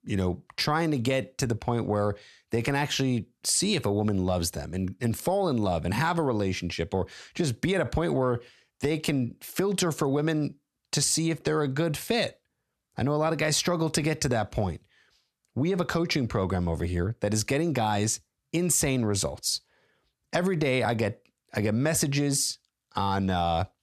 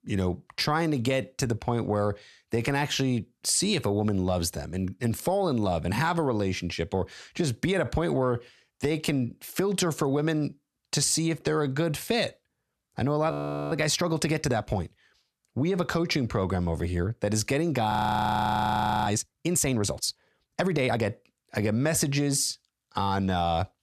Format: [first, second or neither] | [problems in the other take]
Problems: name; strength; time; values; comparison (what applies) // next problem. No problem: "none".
first | audio freezing; at 13 s and at 18 s for 1 s